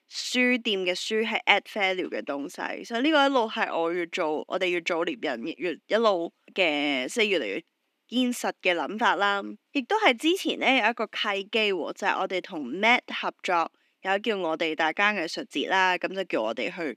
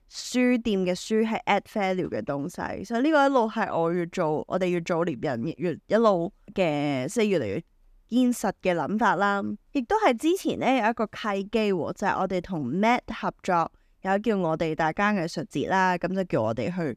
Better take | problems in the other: second | thin; very slightly; fading below 250 Hz

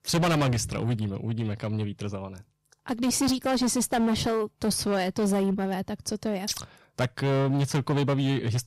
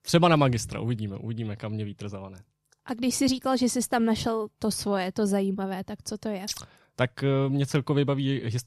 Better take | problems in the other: second | distortion; heavy; 14% of the sound clipped

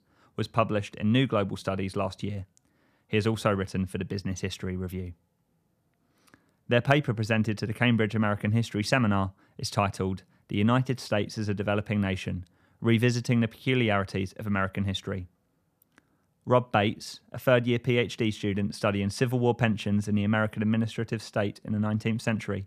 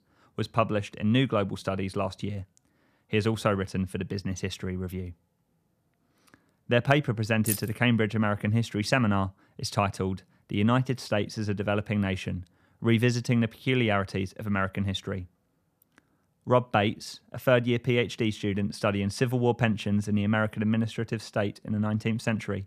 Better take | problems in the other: first | jangling keys; noticeable; at 7.5 s; peak 4 dB below the speech

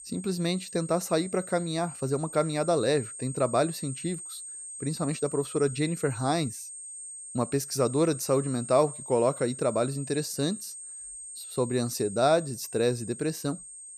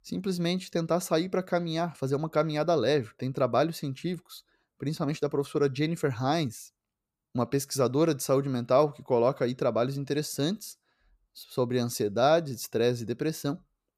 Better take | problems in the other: second | high-pitched whine; noticeable; throughout; 8.5 kHz, 10 dB below the speech

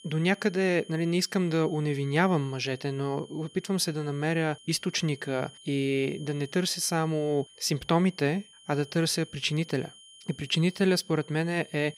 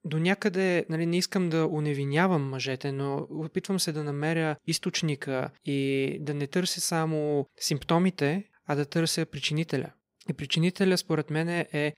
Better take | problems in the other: second | high-pitched whine; faint; throughout; 3 kHz, 20 dB below the speech

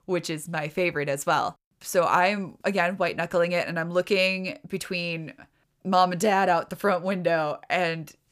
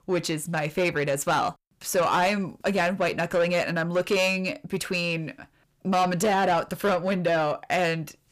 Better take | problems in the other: first | distortion; slight; 10 dB below the speech

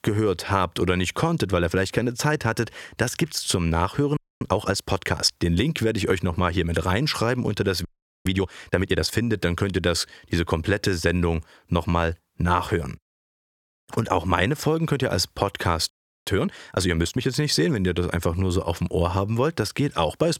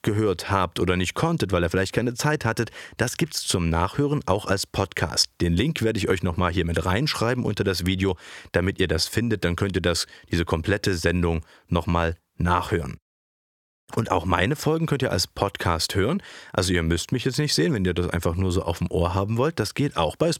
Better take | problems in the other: second | audio freezing; at 4 s, at 8 s and at 16 s

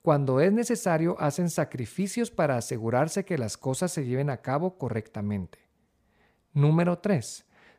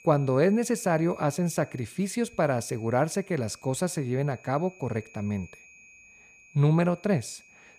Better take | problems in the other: first | high-pitched whine; faint; throughout; 2.5 kHz, 25 dB below the speech

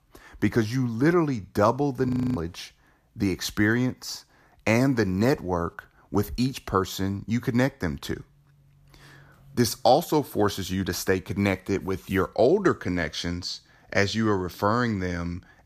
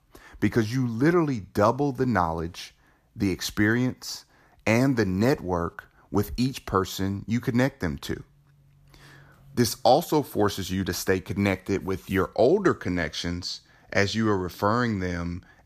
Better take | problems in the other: second | audio freezing; at 2 s

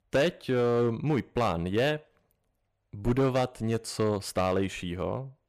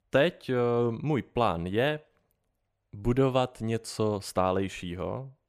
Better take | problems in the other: second | distortion; slight; 6% of the sound clipped

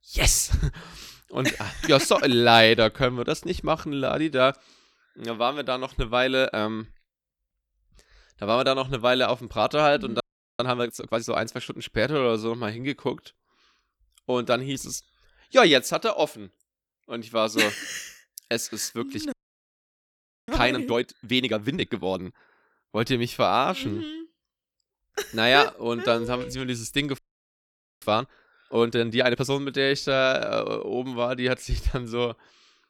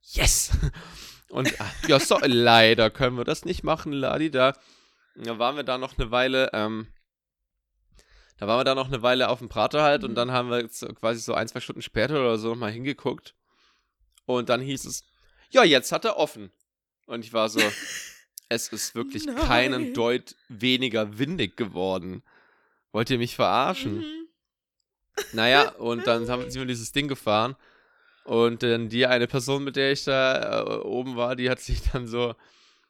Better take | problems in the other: second | audio freezing; at 10 s, at 19 s for 1 s and at 27 s for 1 s

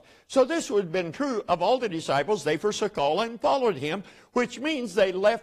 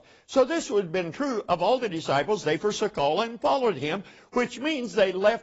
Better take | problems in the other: first | garbled, watery; badly; nothing above 7.5 kHz; slightly in the first

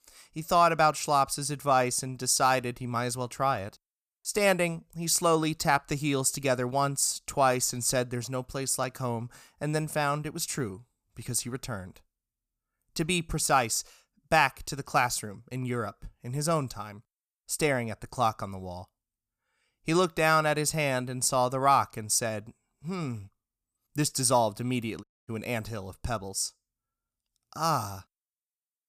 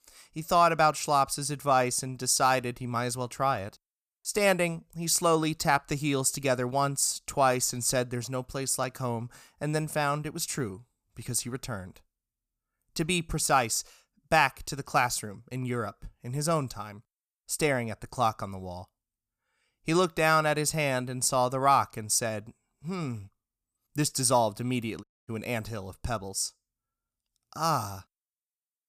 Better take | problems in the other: neither | audio cutting out; at 25 s; the same in both

